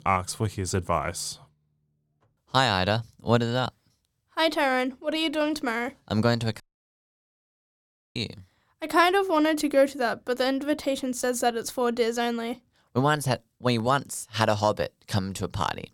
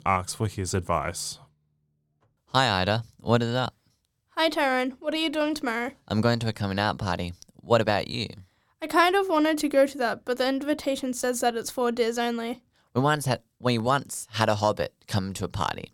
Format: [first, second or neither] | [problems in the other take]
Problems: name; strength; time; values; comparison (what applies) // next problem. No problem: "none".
second | audio cutting out; at 6.5 s for 1.5 s